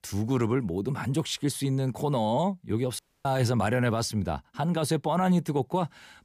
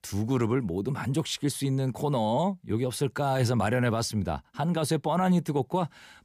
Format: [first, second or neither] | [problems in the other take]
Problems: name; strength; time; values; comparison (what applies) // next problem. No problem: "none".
second | audio cutting out; at 3 s